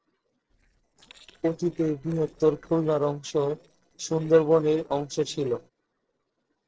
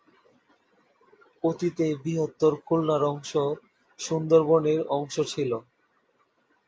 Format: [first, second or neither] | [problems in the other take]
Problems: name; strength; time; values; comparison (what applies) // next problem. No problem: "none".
second | noise reduction (neural separator model SepFormer DNS4)